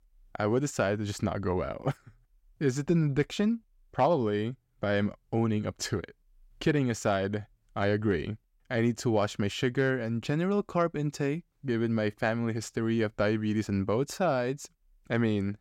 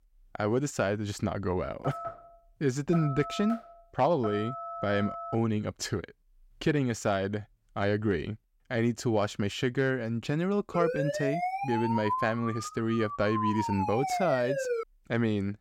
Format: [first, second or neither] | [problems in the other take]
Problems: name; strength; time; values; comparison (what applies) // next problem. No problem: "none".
first | phone ringing; noticeable; from 2 to 5.5 s; peak 7 dB below the speech // siren; noticeable; from 11 to 15 s; peak 1 dB below the speech